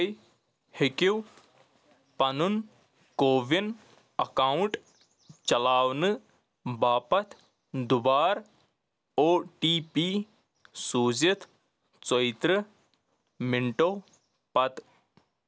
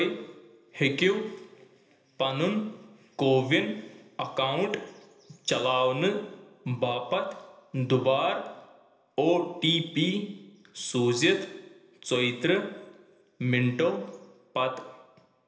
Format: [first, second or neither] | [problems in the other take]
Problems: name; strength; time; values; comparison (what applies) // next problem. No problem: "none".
first | room echo; dies away in 0.8 s